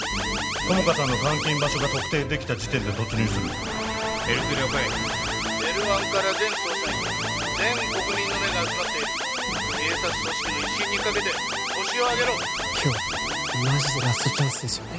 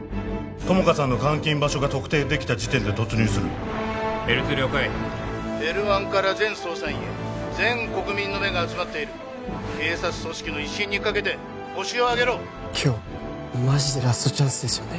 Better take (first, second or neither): second